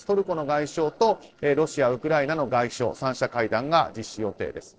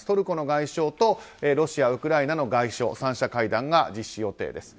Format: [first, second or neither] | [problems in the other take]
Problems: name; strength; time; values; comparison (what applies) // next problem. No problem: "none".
second | noise reduction (neural separator model SepFormer DNS4)